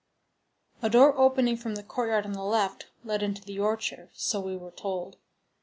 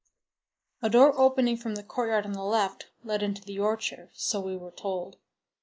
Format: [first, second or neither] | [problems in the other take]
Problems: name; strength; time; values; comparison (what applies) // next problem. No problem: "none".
first | noise reduction (neural mask model Resemble Enhance denoiser)